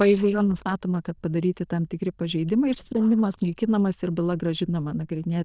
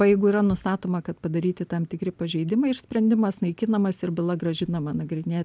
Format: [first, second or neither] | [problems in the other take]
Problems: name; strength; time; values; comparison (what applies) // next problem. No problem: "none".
second | noise reduction (neural diffusion model UNIVERSE++)